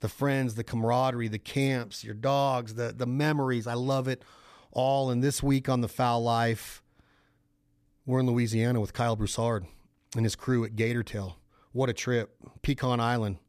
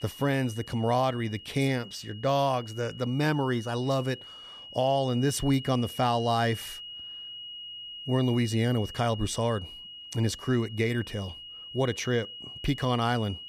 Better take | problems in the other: first | high-pitched whine; noticeable; throughout; 3 kHz, 15 dB below the speech

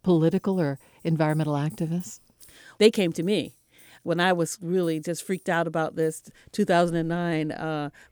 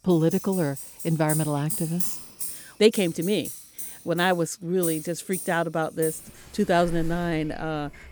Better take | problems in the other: first | household noises; loud; throughout; 7 dB below the speech; faint in the first

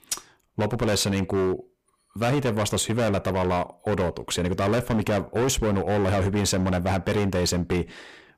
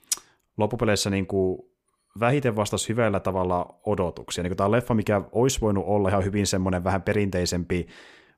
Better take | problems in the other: second | distortion; heavy; 20% of the sound clipped

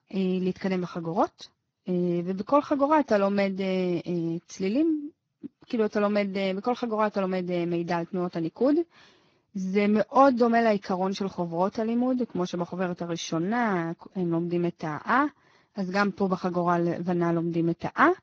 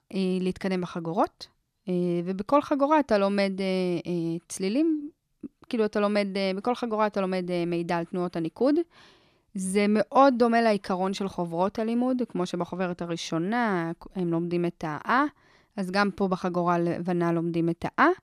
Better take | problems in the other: second | garbled, watery; badly; nothing above 6.5 kHz

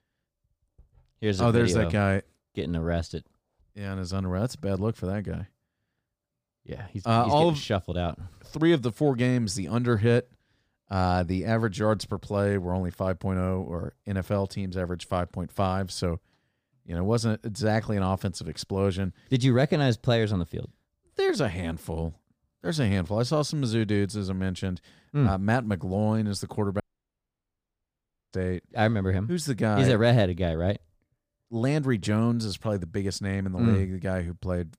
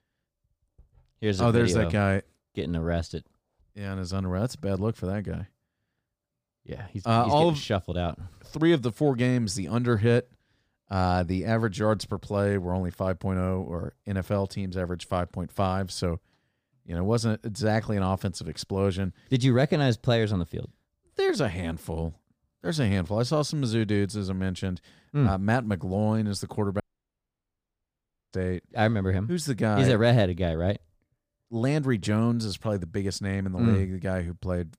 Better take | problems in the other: neither | audio cutting out; at 27 s for 1.5 s; the same in both

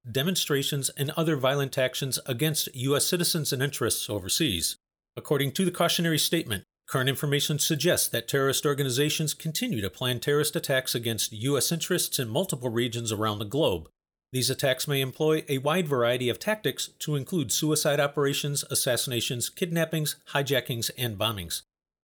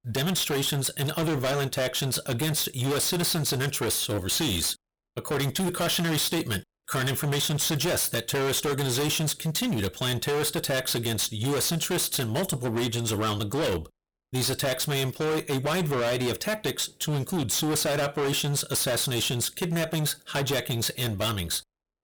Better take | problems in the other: first | distortion; heavy; 31% of the sound clipped

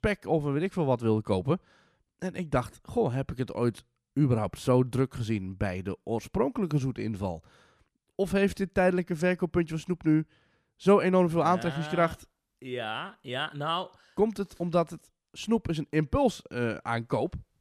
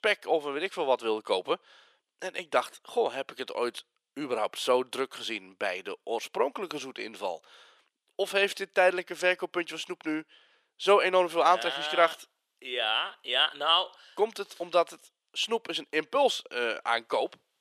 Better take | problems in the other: first | thin; very; fading below 450 Hz

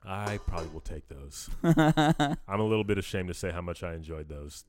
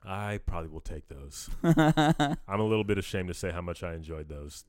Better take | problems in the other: second | clattering dishes; faint; at 0.5 s; peak 15 dB below the speech

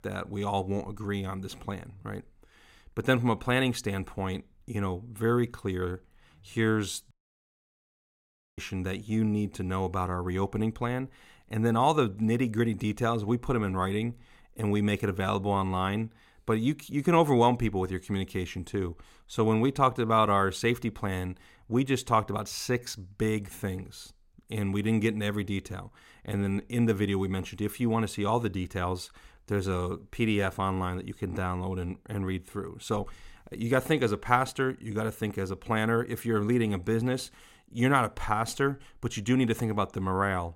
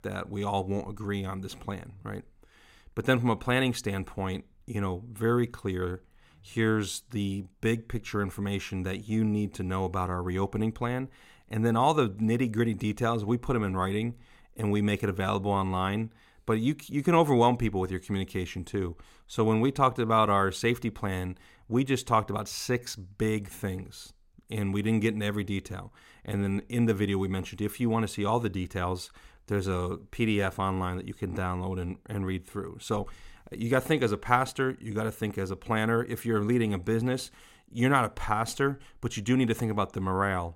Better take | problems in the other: second | audio cutting out; at 7 s for 1.5 s

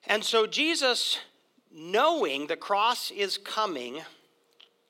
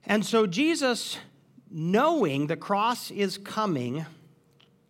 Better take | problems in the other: second | thin; somewhat; fading below 400 Hz

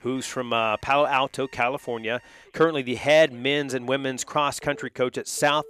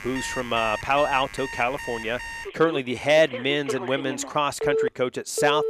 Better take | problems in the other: first | alarms or sirens; loud; throughout; 7 dB below the speech; faint in the first

